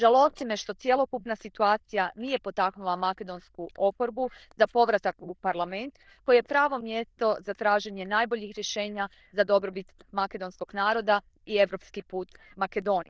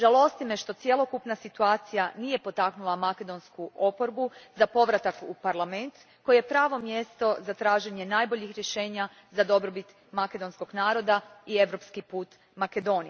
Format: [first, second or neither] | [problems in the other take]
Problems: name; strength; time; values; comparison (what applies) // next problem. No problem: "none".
second | noise reduction (neural diffusion model UNIVERSE++)